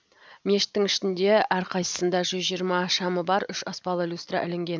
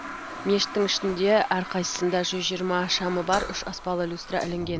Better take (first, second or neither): first